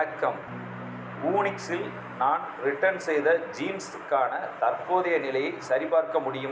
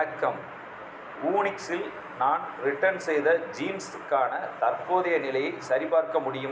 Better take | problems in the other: second | background sound (Electric guitar / Strum); 14 dB below the speech

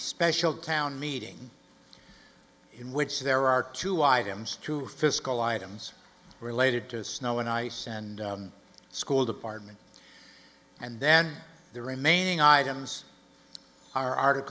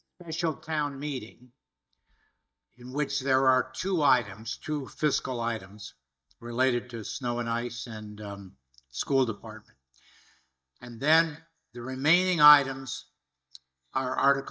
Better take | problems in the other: first | noise reduction (neural mask model DeepFilterNet 3)

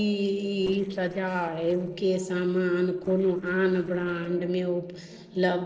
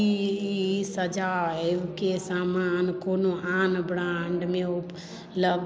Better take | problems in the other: second | noise reduction (neural separator model SepFormer DNS4)

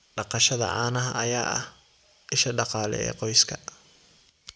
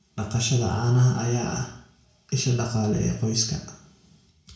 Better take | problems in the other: first | room echo; dies away in 0.6 s

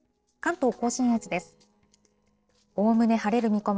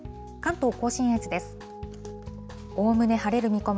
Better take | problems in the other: second | noise reduction (neural separator model SepFormer DNS4)

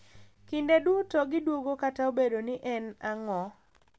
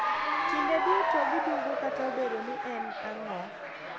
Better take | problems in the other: first | background sound (Applause / Cheering); 4 dB above the speech

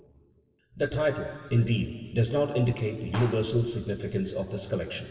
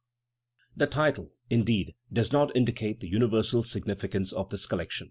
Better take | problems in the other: second | background sound (Clapping); 16 dB below the speech // room echo; dies away in 2.3 s

